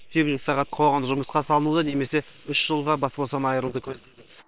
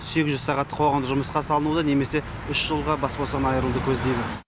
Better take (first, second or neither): second